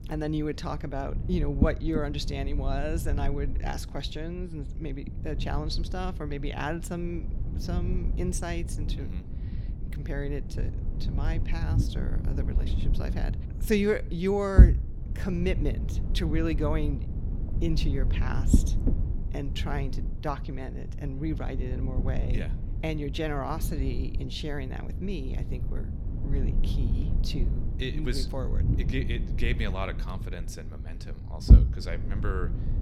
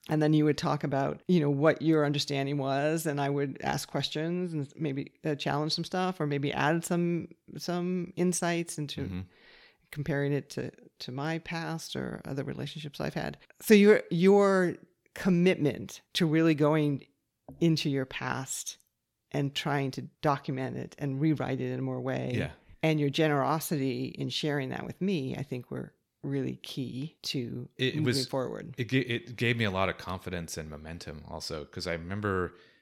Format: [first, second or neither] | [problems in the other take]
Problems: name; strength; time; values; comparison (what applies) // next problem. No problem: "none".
second | low rumble; loud; throughout; 8 dB below the speech